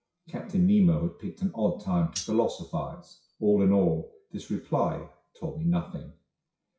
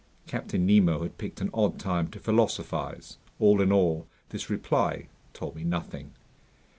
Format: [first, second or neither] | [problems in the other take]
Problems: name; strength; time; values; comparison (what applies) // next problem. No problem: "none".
second | noise reduction (classical method WPE with log-MMSE)